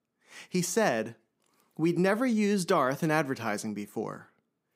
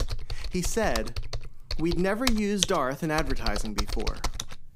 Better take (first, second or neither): first